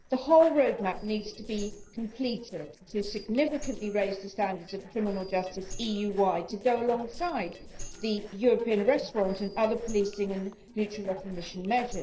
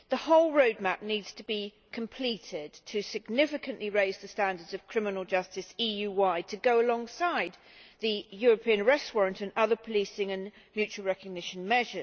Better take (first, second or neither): second